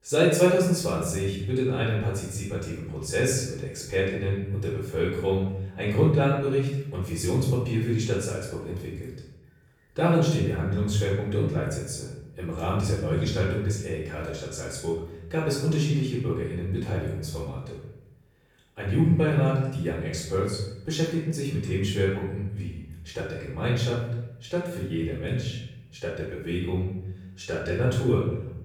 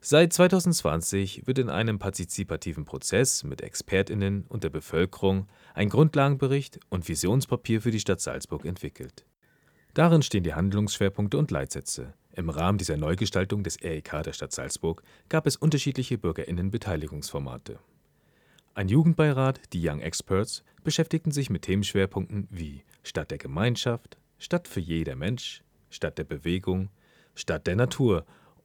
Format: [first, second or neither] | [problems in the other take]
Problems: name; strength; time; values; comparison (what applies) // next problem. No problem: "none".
second | off-mic speech; far // room echo; noticeable; dies away in 0.8 s